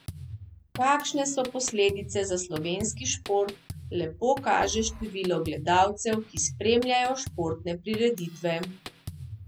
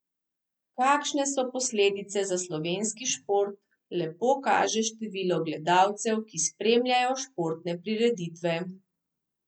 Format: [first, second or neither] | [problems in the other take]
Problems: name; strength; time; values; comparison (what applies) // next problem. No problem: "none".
second | background sound (Drum kit); 14 dB below the speech